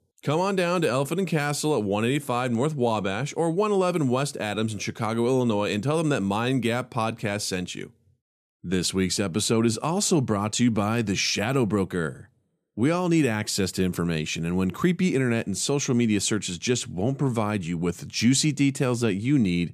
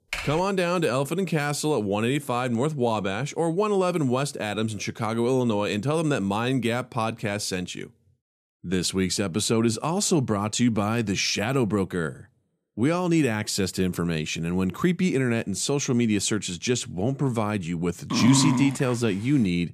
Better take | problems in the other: first | keyboard typing; noticeable; at the start; peak 7 dB below the speech // dog barking; loud; at 18 s; peak 2 dB above the speech

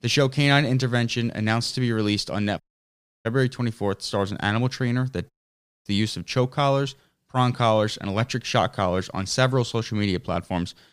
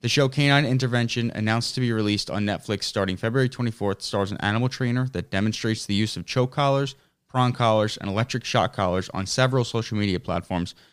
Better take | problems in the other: second | audio cutting out; at 2.5 s for 0.5 s and at 5.5 s for 0.5 s

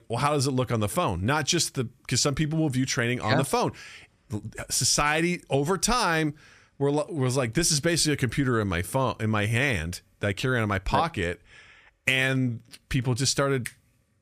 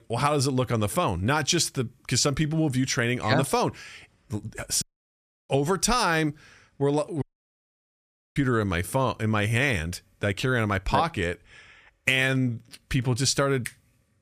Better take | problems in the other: first | audio cutting out; at 5 s for 0.5 s and at 7 s for 1 s

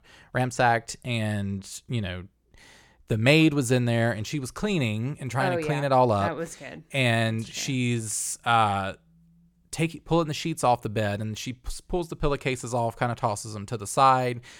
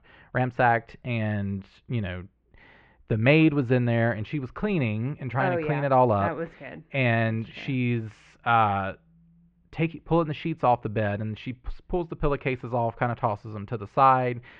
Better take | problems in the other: first | muffled; very; fading above 2.5 kHz

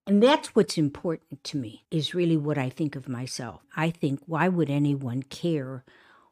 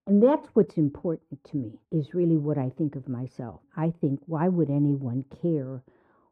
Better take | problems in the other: first | muffled; very; fading above 1.5 kHz

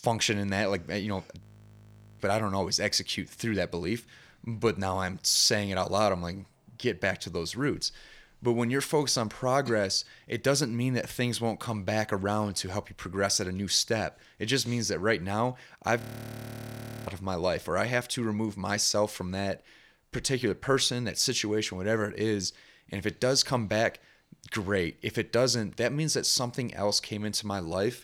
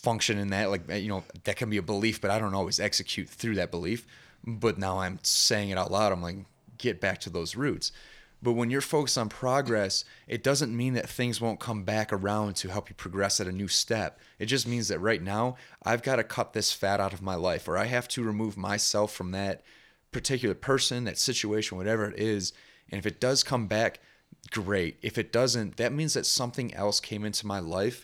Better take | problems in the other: second | audio freezing; at 1.5 s for 1 s and at 16 s for 1 s

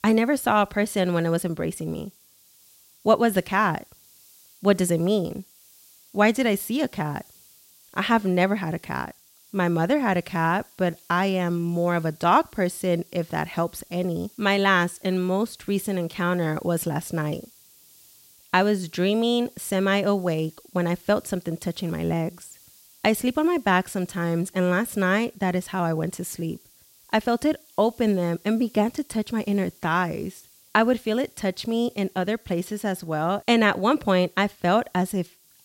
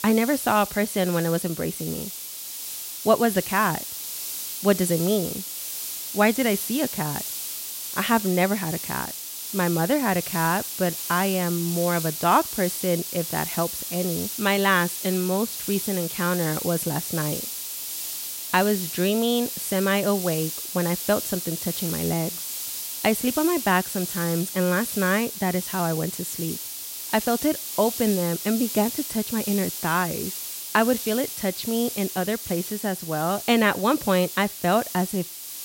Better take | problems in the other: first | hiss; loud; throughout; 5 dB below the speech; faint in the first

